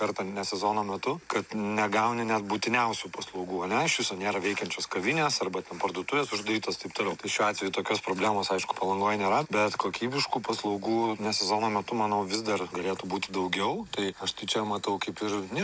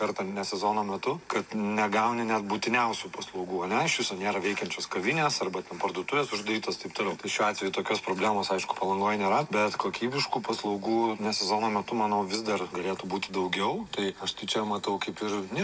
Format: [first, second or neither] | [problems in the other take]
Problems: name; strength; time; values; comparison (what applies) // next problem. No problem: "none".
first | room echo; dies away in 2.4 s